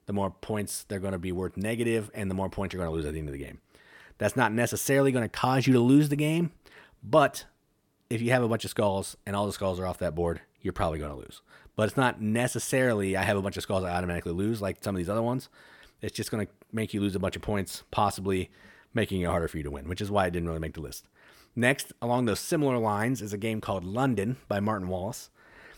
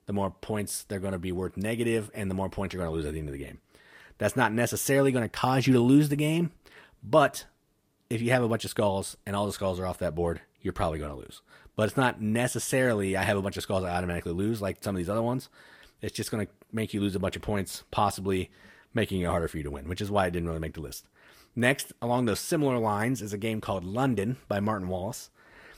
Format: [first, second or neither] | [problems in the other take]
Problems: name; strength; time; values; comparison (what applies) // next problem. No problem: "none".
first | garbled, watery; slightly; nothing above 15 kHz